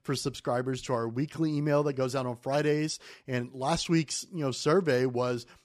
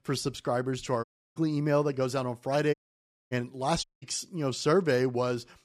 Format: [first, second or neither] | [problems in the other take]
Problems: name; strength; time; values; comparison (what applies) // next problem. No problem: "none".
first | audio cutting out; at 1 s, at 2.5 s for 0.5 s and at 4 s